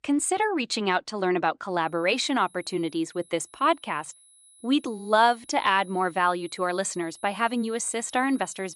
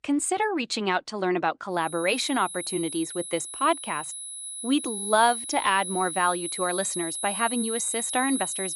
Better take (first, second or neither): first